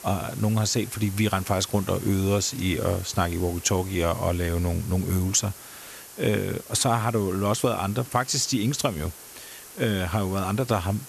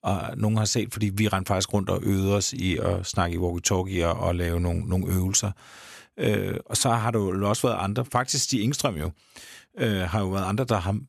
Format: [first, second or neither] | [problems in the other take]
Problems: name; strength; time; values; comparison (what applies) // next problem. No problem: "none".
second | hiss; noticeable; throughout; 15 dB below the speech